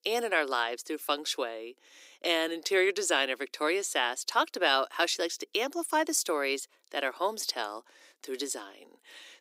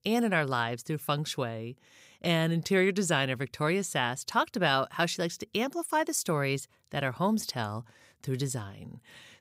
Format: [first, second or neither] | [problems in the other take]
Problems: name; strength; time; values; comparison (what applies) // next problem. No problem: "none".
second | thin; very; fading below 300 Hz